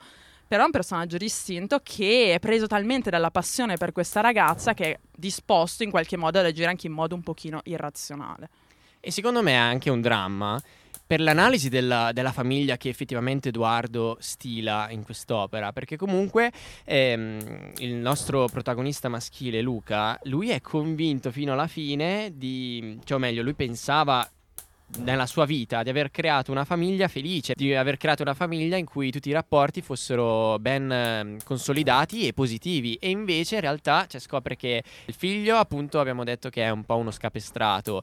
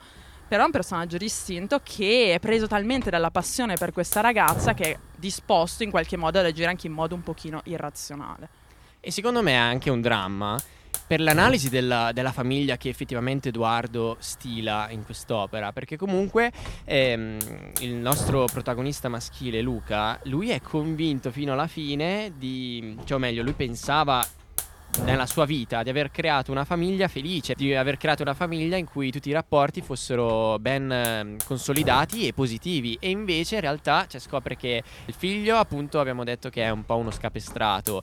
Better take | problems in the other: first | hiss; loud; throughout; 9 dB below the speech; faint in the first

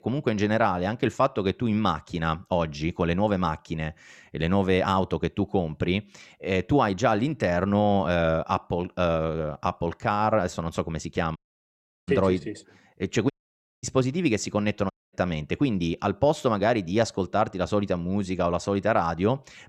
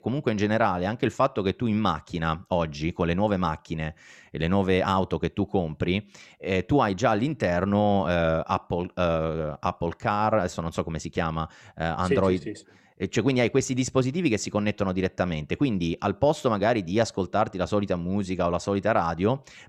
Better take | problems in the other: second | audio cutting out; at 11 s for 0.5 s, at 13 s for 0.5 s and at 15 s

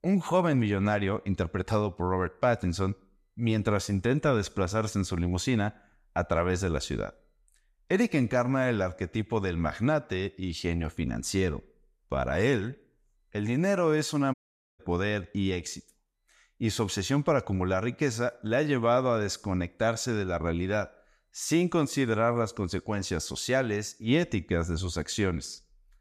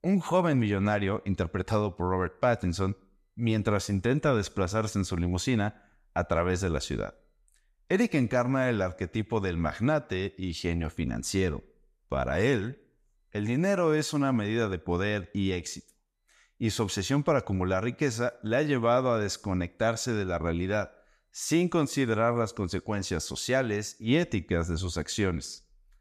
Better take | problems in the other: second | audio cutting out; at 14 s

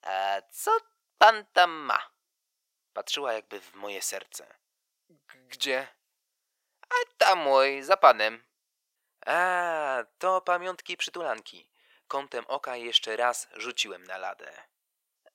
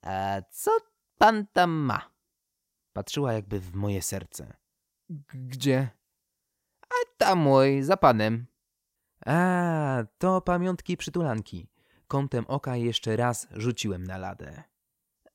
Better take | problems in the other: second | thin; very; fading below 500 Hz

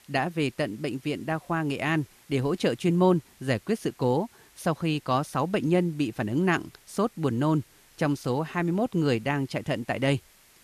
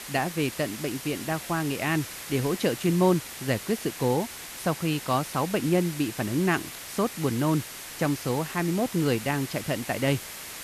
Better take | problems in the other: first | hiss; loud; throughout; 10 dB below the speech; faint in the first

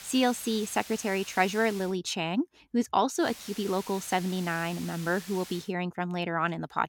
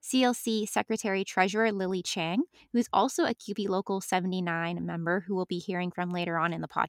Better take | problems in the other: second | hiss; noticeable; until 2 s and from 3 to 5.5 s; 15 dB below the speech

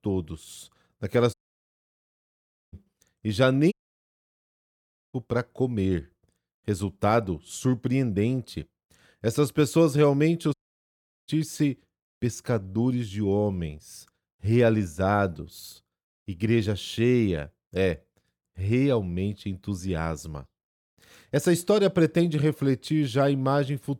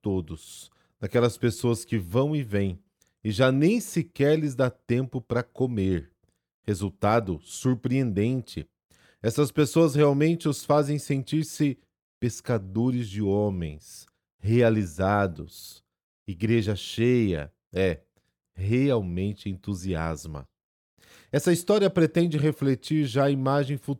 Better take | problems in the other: second | audio cutting out; at 1.5 s for 1.5 s, at 3.5 s for 1.5 s and at 11 s for 0.5 s

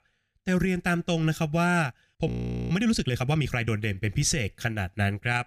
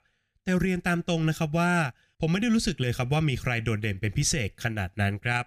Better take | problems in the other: second | audio freezing; at 2.5 s

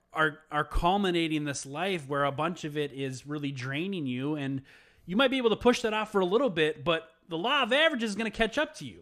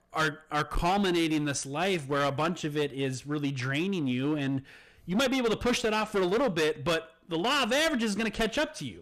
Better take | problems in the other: first | distortion; heavy; 15% of the sound clipped

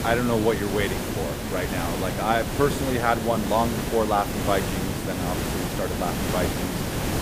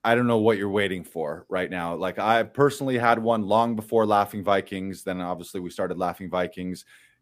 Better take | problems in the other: second | hiss; loud; throughout; 2 dB below the speech

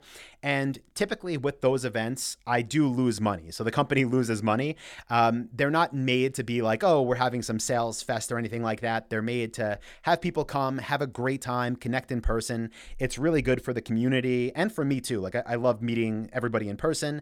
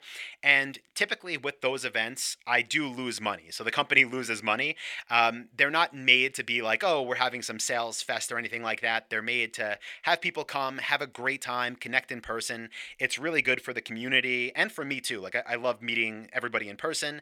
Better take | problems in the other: first | thin; somewhat; fading below 750 Hz

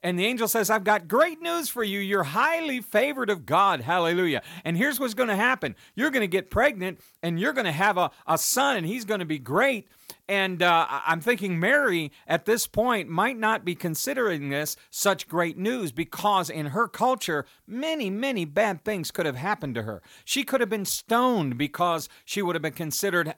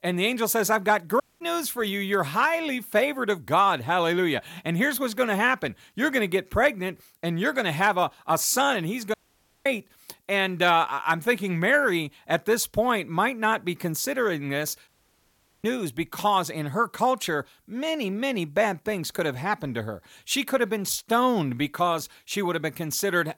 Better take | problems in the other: first | audio cutting out; at 1 s, at 9 s for 0.5 s and at 15 s for 1 s

